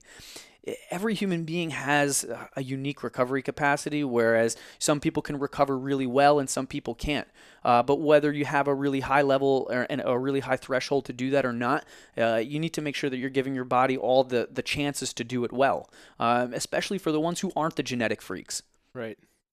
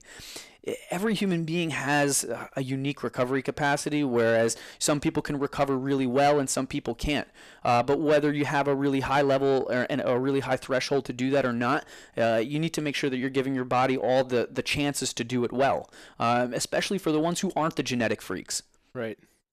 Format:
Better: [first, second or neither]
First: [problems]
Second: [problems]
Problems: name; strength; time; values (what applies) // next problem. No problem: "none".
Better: first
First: none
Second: distortion; slight; 10 dB below the speech